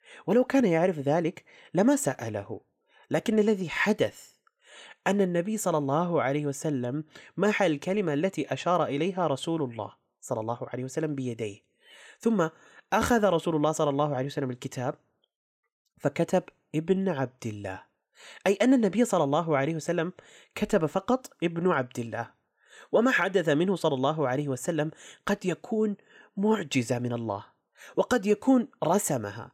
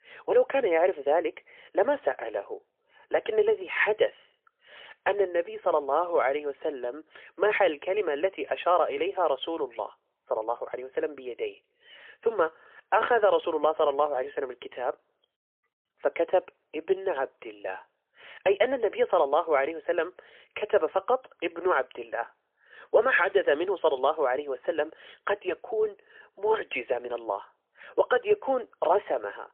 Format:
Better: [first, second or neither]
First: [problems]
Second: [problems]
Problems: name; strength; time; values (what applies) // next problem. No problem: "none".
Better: first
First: none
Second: phone-call audio; poor line; nothing above 3.5 kHz